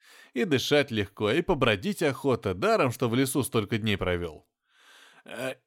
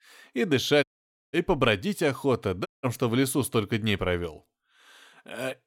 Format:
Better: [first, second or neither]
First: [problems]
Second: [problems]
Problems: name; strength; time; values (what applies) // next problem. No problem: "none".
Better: first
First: none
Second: audio cutting out; at 1 s and at 2.5 s